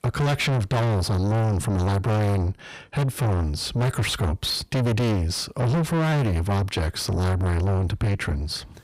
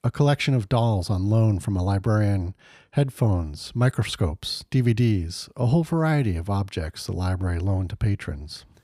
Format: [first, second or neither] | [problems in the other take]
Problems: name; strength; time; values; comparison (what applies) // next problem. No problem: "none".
second | distortion; heavy; 5 dB below the speech